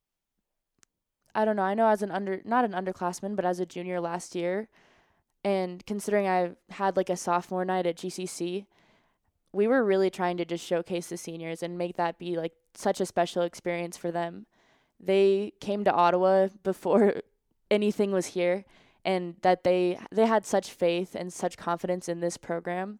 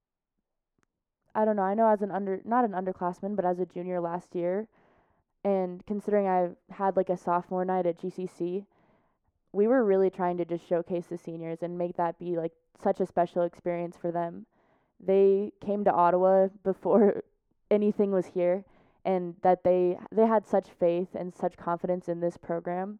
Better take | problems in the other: first | muffled; very; fading above 2 kHz

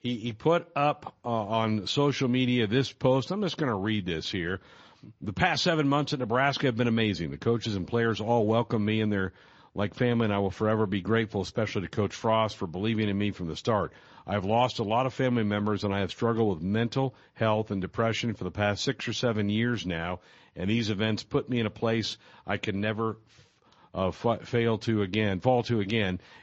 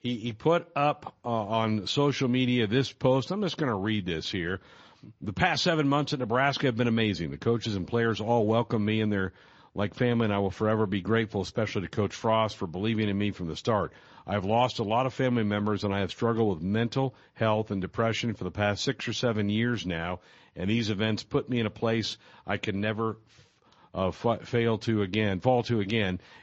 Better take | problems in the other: neither | garbled, watery; slightly; nothing above 7 kHz; the same in both

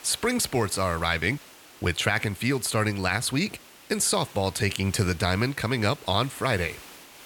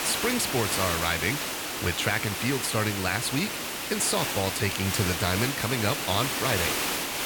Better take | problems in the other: first | hiss; loud; throughout; 1 dB below the speech; faint in the first

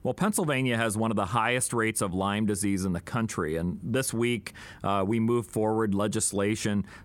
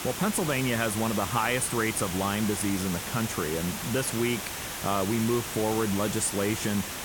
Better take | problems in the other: first | hiss; loud; throughout; 5 dB below the speech

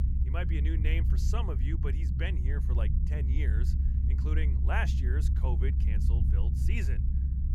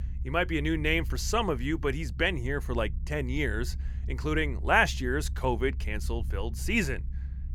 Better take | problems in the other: second | low rumble; loud; throughout; 5 dB below the speech; faint in the second

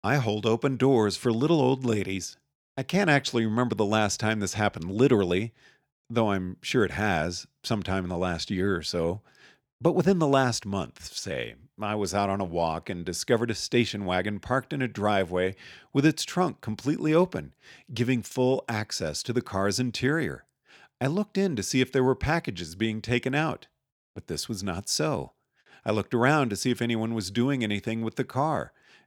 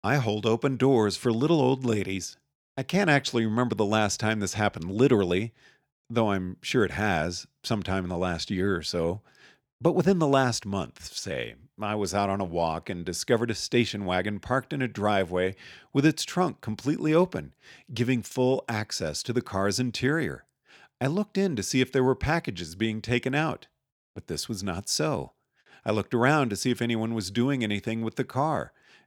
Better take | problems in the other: neither | none

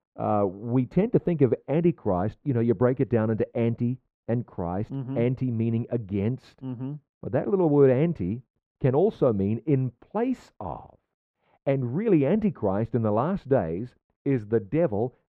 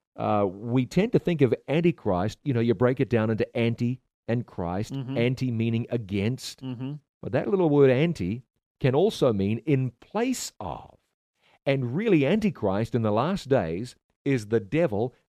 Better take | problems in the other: second | muffled; very; fading above 3 kHz

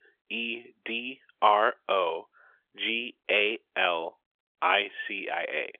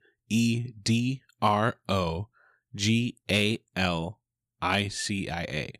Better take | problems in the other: second | phone-call audio; nothing above 3.5 kHz

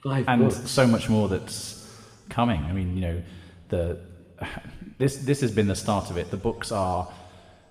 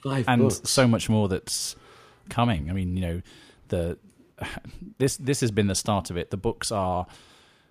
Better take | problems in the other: second | room echo; slight; dies away in 1.5 s

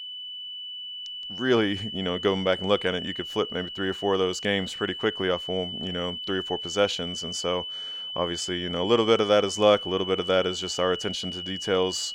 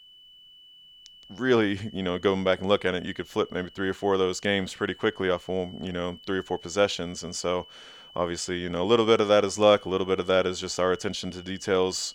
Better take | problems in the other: second | high-pitched whine; loud; throughout; 3 kHz, 7 dB below the speech; faint in the second

